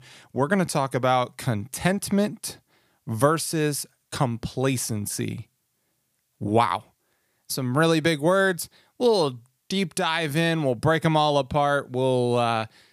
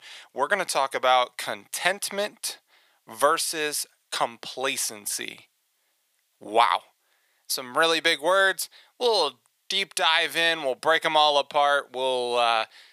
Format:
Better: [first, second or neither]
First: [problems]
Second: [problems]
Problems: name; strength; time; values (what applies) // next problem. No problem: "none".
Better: first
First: none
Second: thin; very; fading below 700 Hz